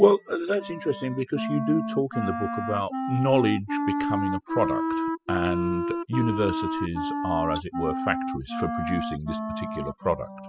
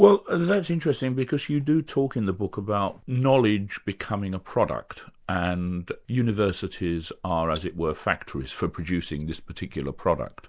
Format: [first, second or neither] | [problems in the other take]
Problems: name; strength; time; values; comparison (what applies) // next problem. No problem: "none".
second | noise reduction (classical method spectral subtraction)